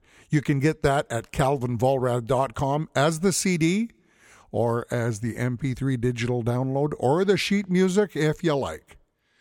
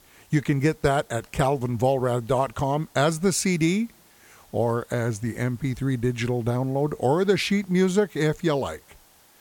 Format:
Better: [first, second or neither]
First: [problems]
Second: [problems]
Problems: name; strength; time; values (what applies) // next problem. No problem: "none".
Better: first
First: none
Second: hiss; faint; throughout; 30 dB below the speech